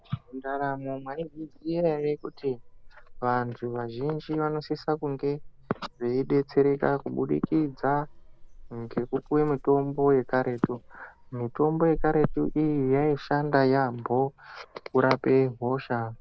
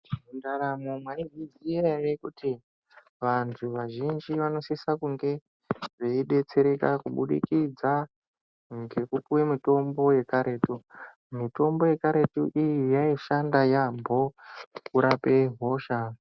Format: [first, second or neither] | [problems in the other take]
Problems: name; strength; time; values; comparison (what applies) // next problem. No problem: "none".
second | background sound (Dog); 16 dB below the speech